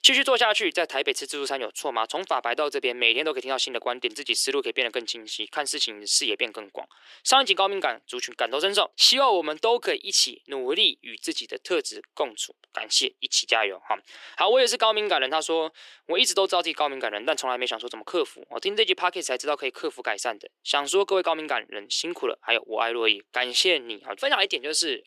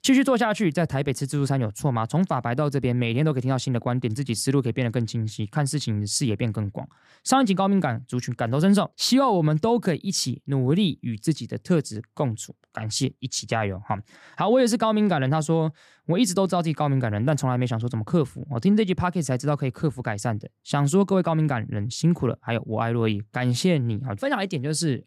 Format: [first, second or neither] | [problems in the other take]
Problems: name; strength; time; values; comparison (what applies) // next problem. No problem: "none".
second | thin; very; fading below 350 Hz